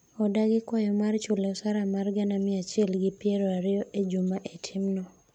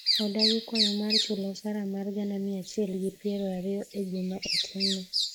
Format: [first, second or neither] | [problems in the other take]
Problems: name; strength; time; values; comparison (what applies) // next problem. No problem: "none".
first | noise reduction (neural mask model Resemble Enhance denoiser)